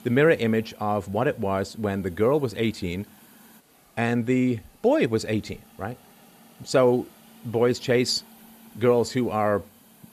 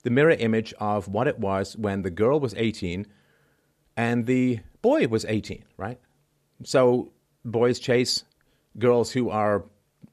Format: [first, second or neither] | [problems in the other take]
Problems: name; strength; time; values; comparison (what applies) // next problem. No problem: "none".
second | hiss; faint; throughout; 25 dB below the speech